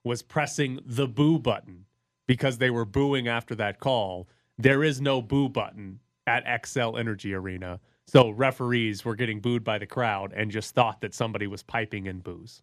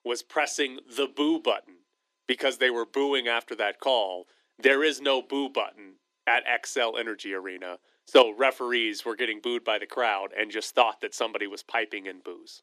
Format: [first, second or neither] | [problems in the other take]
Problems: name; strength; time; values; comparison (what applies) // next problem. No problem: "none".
first | thin; somewhat; fading below 300 Hz